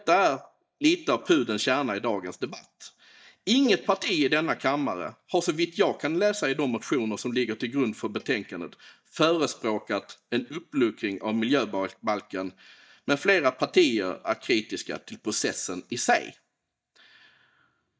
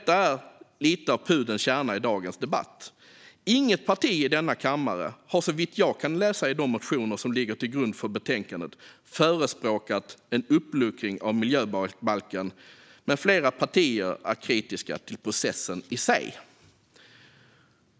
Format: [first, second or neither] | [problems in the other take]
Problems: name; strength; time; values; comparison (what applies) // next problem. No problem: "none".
second | noise reduction (neural mask model DeepFilterNet 3)